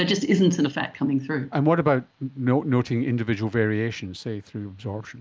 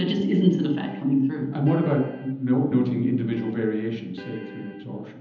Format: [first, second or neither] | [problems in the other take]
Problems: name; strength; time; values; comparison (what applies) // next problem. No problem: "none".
first | background sound (Electric guitar); 14 dB below the speech // room echo; dies away in 0.9 s